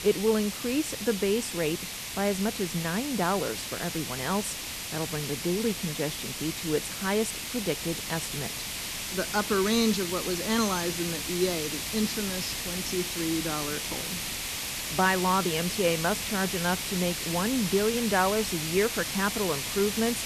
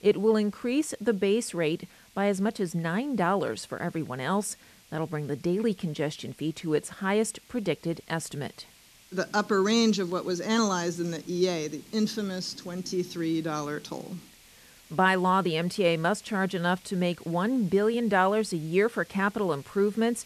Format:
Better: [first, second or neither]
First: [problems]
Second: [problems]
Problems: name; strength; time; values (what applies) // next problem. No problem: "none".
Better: second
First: hiss; loud; throughout; 3 dB below the speech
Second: hiss; faint; throughout; 25 dB below the speech